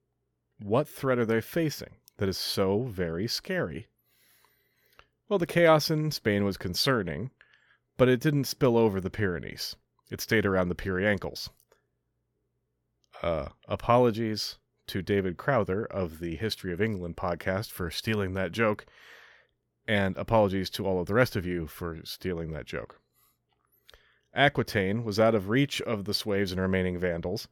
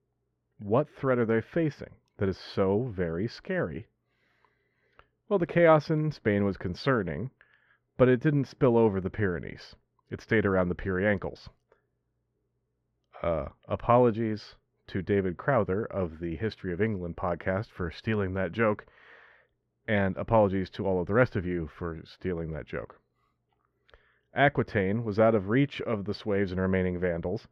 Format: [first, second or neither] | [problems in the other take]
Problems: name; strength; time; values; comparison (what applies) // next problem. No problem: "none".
first | muffled; very; fading above 2 kHz